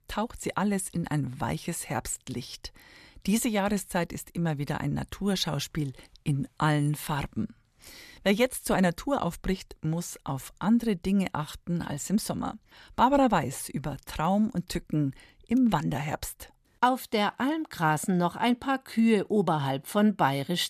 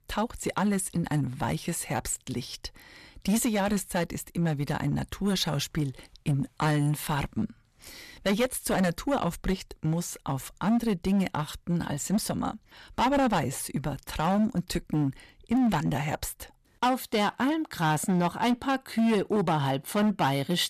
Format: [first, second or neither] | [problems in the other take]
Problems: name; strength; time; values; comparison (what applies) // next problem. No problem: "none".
first | distortion; slight; 8% of the sound clipped